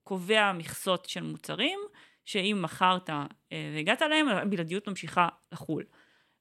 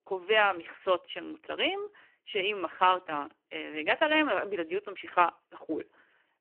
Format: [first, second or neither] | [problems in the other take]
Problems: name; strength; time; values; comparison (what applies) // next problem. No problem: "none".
first | phone-call audio; poor line